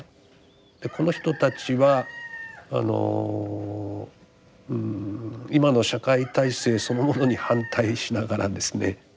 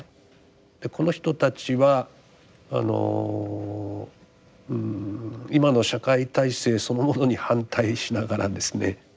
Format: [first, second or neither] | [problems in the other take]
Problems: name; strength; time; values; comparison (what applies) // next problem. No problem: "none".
second | background sound (Chicken, rooster); 18 dB below the speech